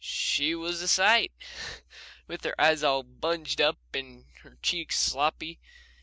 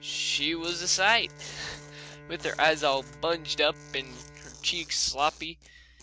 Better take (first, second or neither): first